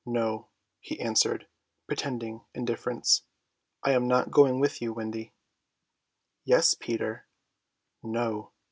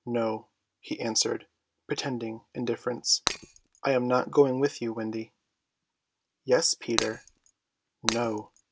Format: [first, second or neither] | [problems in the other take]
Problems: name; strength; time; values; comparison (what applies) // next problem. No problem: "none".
first | background sound (Shatter); 4 dB below the speech